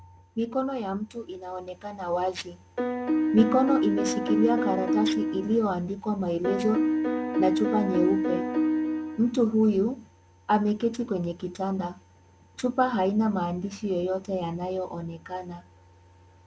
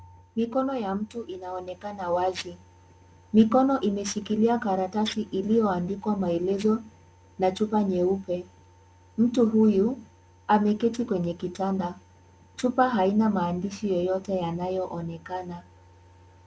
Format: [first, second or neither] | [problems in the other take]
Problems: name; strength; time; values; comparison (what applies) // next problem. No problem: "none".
second | background sound (Piano); 2 dB above the speech